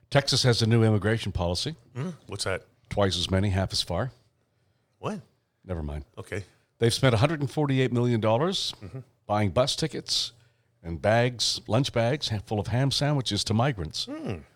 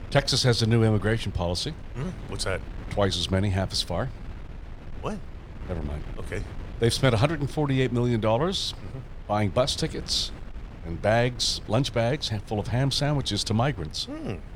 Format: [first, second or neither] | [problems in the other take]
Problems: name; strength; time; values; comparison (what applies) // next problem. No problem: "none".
first | wind noise on the microphone; occasional gusts; 20 dB below the speech